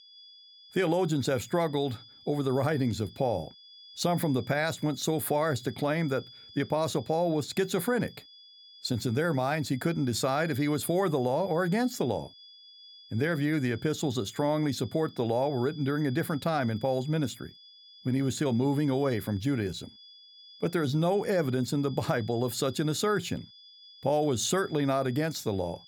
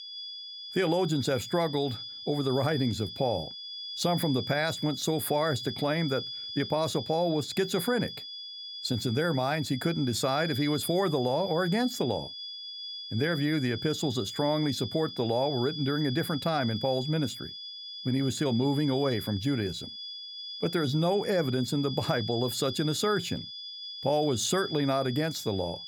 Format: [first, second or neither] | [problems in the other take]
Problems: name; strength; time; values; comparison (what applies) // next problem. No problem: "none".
first | high-pitched whine; loud; throughout; 3.5 kHz, 8 dB below the speech; faint in the first